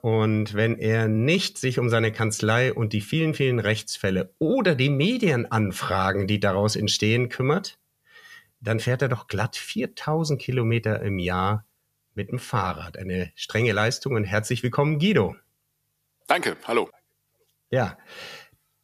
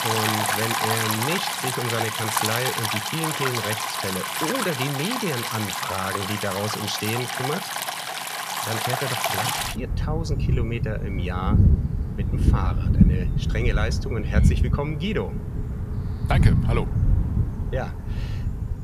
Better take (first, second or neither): first